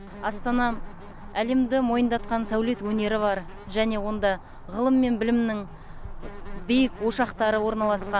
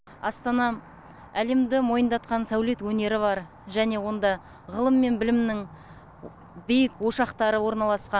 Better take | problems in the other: second | background sound (Insect); 12 dB below the speech

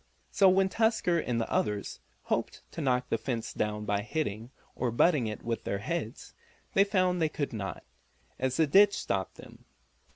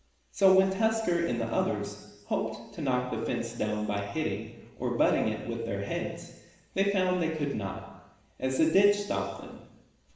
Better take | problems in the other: first | room echo; dies away in 1.1 s

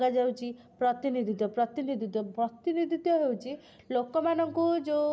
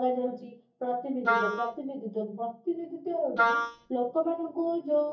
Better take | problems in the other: first | noise reduction (neural mask model DeepFilterNet 3)

